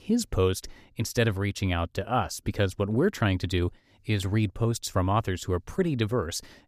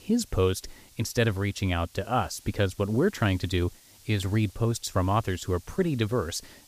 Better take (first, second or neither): first